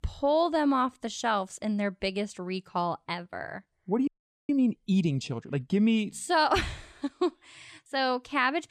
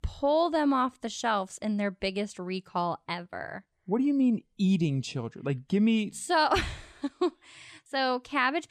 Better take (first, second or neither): second